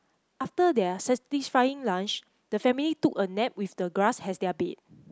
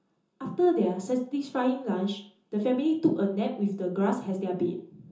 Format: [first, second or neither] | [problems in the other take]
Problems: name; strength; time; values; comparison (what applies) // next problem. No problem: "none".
first | room echo; dies away in 0.6 s